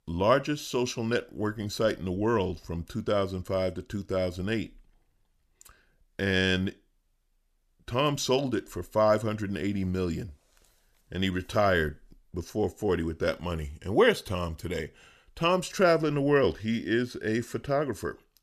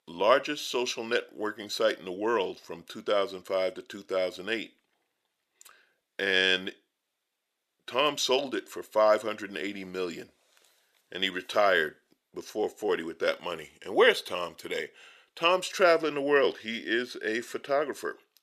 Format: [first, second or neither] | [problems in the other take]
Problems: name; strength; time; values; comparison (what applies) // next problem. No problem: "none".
first | thin; somewhat; fading below 450 Hz